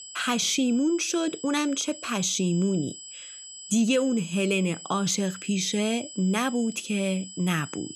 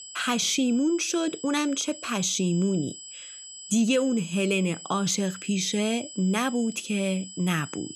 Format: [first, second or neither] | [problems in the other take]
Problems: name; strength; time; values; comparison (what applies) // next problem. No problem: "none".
neither | high-pitched whine; noticeable; throughout; 7.5 kHz, 15 dB below the speech; the same in both